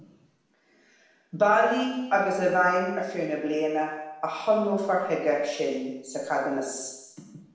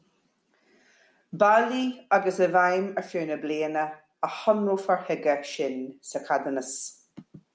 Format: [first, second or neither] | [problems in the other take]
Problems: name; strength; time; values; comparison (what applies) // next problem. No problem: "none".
second | room echo; dies away in 0.9 s